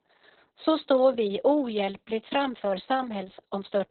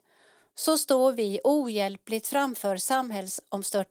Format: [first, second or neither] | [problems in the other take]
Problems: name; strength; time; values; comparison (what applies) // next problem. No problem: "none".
second | garbled, watery; badly; nothing above 4 kHz; slightly in the second